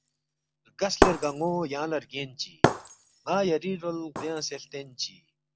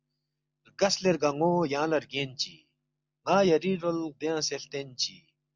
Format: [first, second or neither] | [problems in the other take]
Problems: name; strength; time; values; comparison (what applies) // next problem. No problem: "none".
second | background sound (Shatter); as loud as the speech